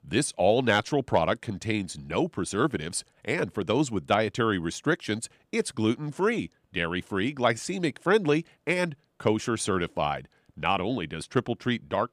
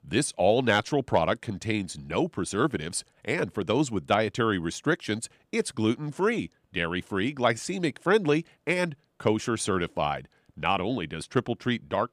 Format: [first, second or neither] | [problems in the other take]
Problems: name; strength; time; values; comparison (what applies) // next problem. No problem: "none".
neither | none